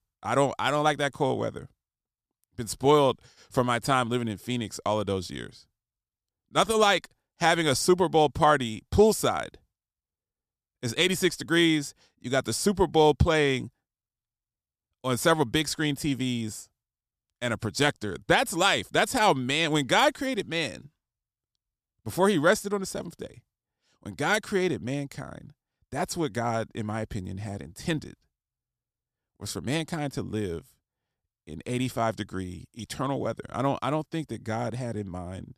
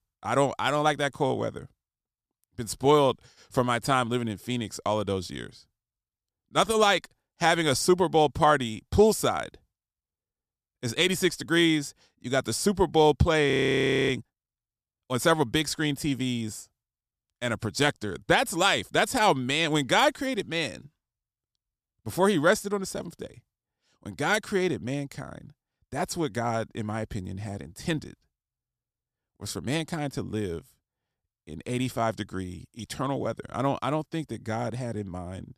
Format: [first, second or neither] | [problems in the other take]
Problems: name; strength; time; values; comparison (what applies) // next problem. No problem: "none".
first | audio freezing; at 14 s for 0.5 s